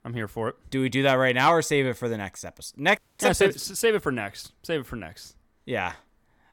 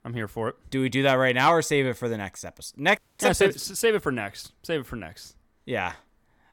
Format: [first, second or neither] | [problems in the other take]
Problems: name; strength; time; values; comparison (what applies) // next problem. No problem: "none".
neither | audio freezing; at 3 s; the same in both